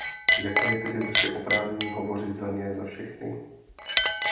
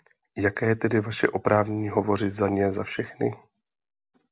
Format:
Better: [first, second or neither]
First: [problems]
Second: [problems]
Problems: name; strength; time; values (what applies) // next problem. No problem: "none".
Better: second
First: background sound (Chink, clink); 3 dB above the speech // room echo; dies away in 0.8 s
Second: none